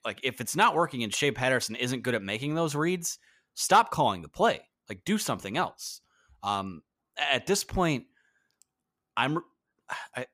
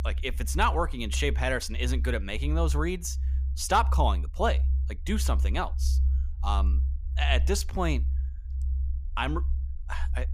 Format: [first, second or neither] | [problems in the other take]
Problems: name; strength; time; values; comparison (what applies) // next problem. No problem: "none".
first | low rumble; noticeable; throughout; 20 dB below the speech